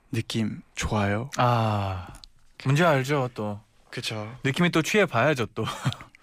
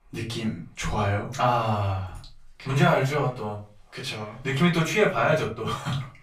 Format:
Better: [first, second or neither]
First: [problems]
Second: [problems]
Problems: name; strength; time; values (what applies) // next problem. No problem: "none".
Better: first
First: none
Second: off-mic speech; far // room echo; slight; dies away in 0.3 s